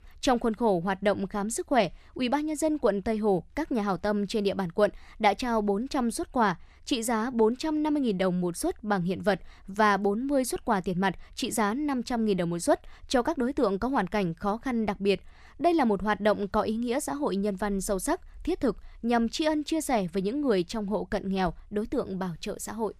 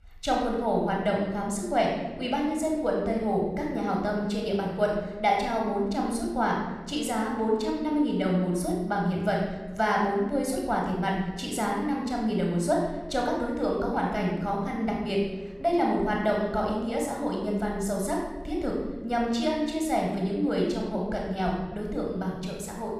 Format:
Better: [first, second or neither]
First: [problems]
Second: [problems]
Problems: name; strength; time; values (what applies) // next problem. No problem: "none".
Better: first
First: none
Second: off-mic speech; somewhat distant // room echo; noticeable; dies away in 1.1 s